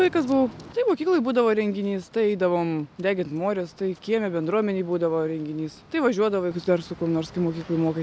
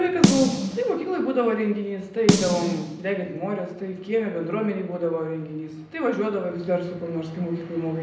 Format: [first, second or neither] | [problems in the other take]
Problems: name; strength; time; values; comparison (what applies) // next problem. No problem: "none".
first | background sound (Snare drum); as loud as the speech // room echo; dies away in 0.7 s